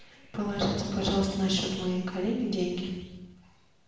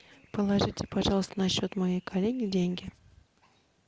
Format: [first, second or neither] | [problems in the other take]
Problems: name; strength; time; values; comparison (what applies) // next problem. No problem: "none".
second | room echo; dies away in 1 s